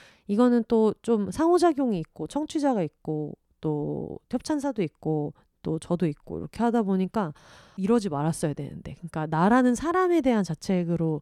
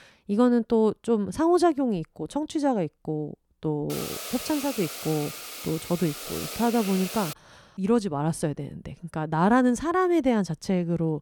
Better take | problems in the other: first | hiss; loud; from 4 to 7.5 s; 9 dB below the speech

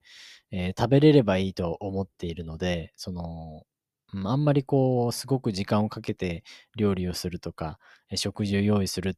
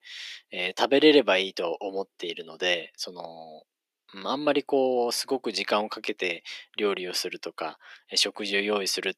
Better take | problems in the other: first | thin; somewhat; fading below 300 Hz

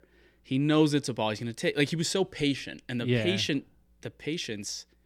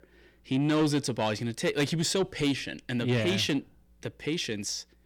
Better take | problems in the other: first | distortion; slight; 10 dB below the speech

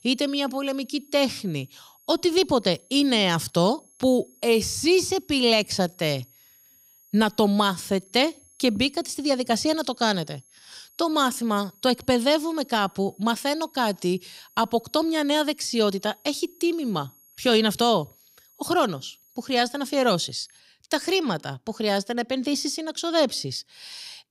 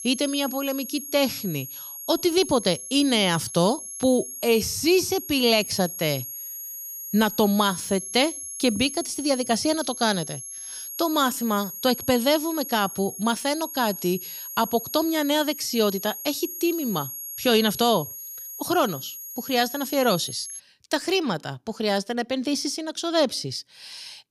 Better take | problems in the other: first | high-pitched whine; loud; until 21 s; 11.5 kHz, 9 dB below the speech; faint in the first

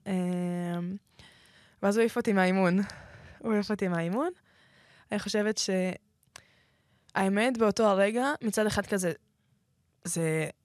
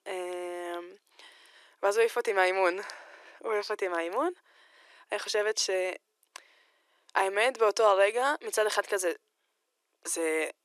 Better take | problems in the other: first | thin; very; fading below 300 Hz

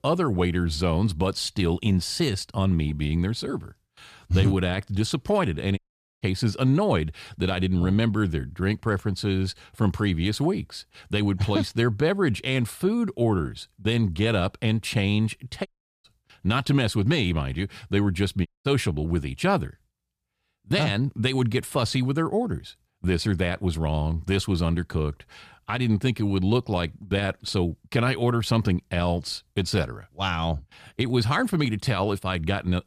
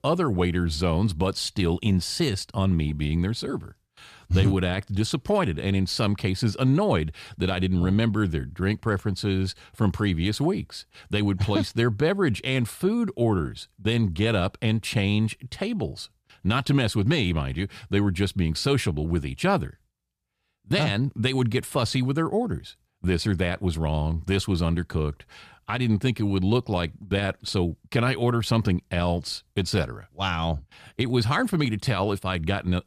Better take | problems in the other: second | audio cutting out; at 6 s, at 16 s and at 18 s

